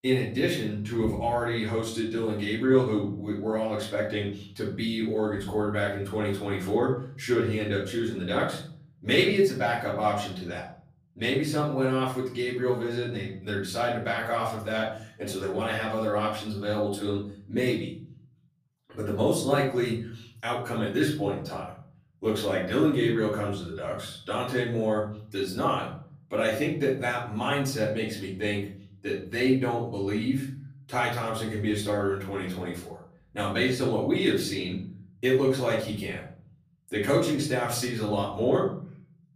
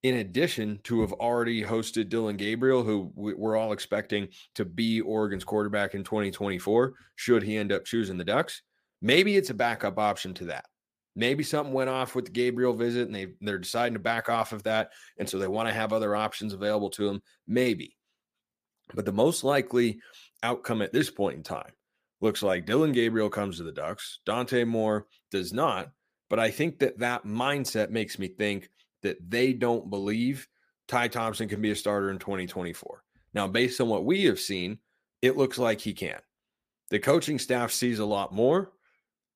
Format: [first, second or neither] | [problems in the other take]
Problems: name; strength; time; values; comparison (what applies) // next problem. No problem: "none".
second | off-mic speech; far // room echo; noticeable; dies away in 0.7 s